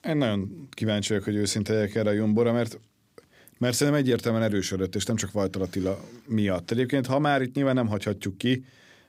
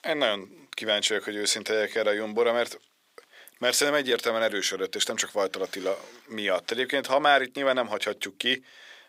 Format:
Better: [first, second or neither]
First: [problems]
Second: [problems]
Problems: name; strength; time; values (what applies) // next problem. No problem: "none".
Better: first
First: none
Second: thin; very; fading below 600 Hz